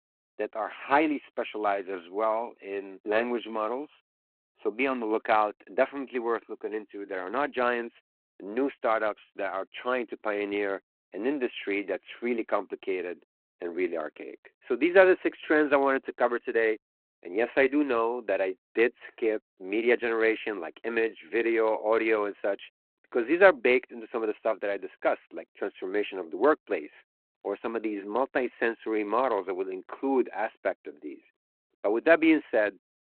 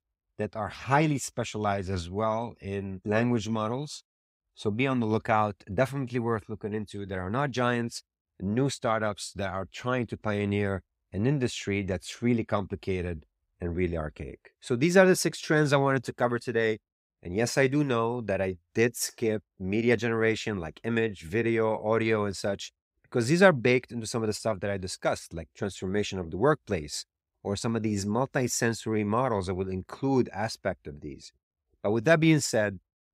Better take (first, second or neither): second